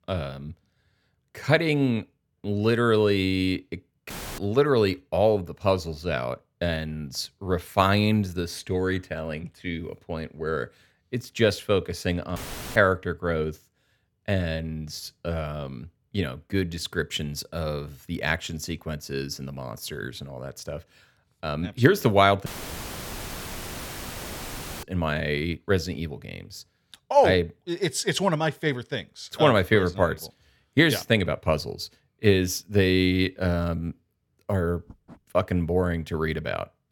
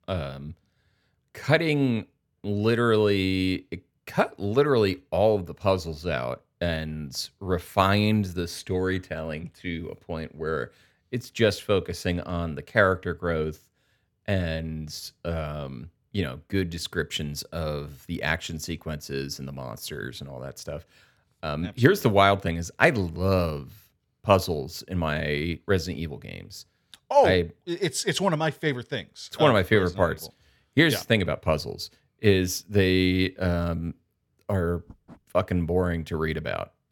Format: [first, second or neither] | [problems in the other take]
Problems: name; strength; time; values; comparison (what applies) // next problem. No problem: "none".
second | audio cutting out; filled with static; at 4 s, at 12 s and at 22 s for 2.5 s